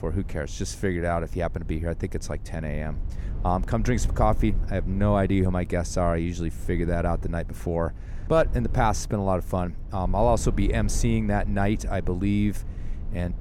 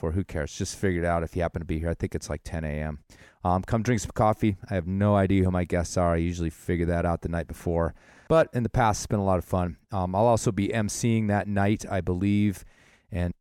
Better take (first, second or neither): second